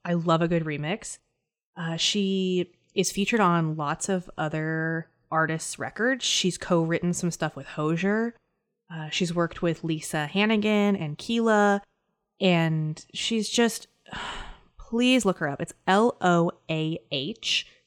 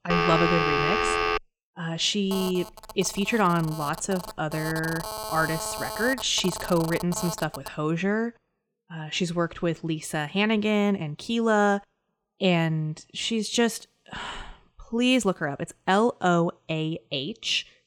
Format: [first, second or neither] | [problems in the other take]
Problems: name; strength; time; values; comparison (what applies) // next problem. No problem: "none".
first | phone ringing; loud; until 1.5 s; peak 3 dB above the speech // phone ringing; noticeable; from 2.5 to 7.5 s; peak 6 dB below the speech